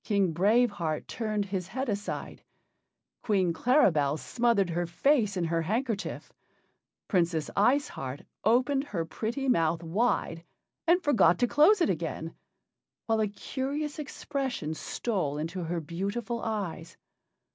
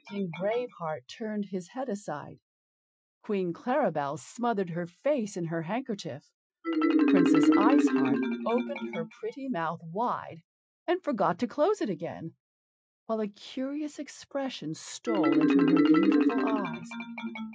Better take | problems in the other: first | noise reduction (classical method Wiener filter)

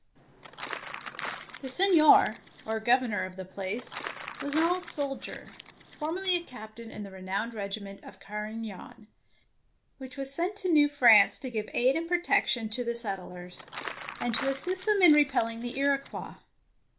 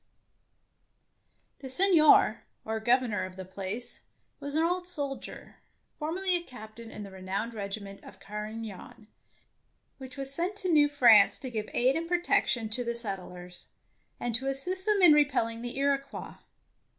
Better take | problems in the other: second | background sound (Crumpling, crinkling); 13 dB below the speech

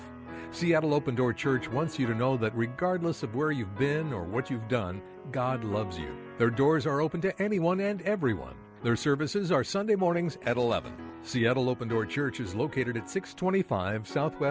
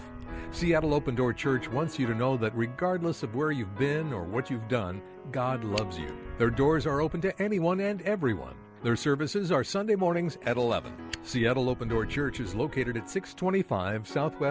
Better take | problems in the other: first | background sound (Fire); 17 dB below the speech

